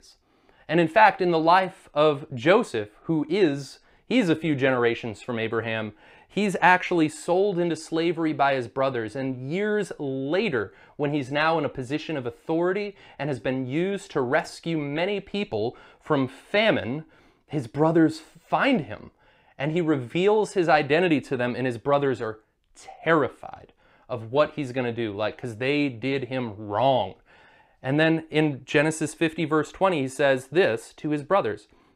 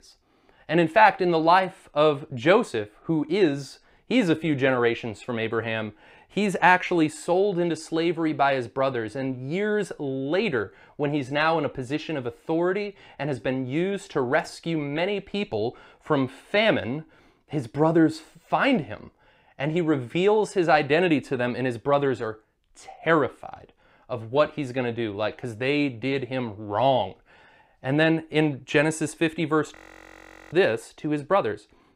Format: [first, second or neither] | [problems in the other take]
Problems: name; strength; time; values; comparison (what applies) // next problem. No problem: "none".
first | audio freezing; at 30 s for 1 s